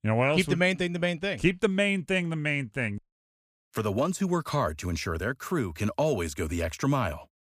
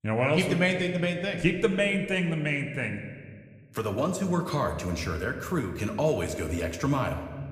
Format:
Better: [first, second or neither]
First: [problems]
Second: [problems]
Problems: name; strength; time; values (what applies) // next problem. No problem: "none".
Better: first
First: none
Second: room echo; slight; dies away in 1.3 s